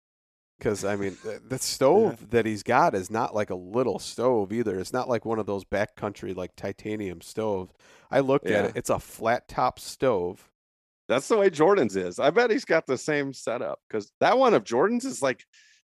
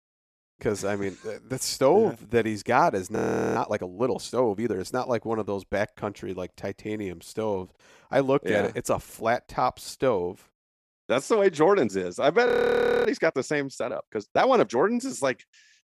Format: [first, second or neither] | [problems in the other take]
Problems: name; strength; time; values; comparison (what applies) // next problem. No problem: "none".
first | audio freezing; at 3 s and at 12 s for 0.5 s